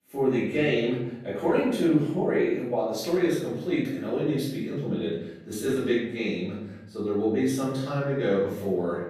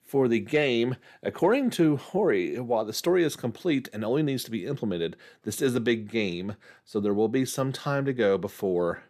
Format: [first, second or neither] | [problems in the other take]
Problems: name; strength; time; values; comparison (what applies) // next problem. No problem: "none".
second | room echo; noticeable; dies away in 0.8 s // off-mic speech; far